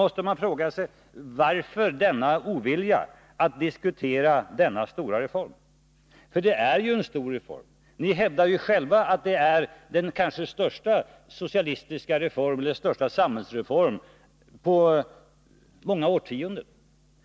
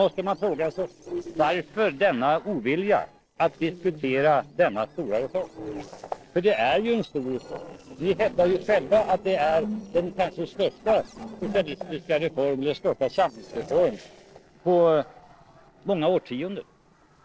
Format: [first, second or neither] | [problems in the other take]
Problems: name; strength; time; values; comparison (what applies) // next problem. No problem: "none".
first | noise reduction (neural separator model SepFormer DNS4)